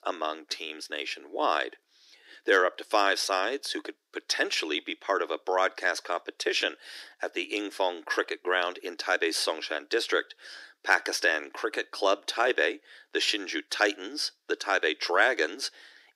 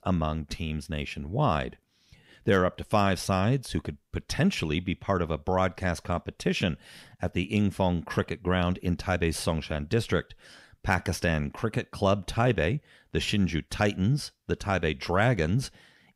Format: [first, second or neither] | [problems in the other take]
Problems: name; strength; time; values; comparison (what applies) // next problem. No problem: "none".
second | thin; very; fading below 300 Hz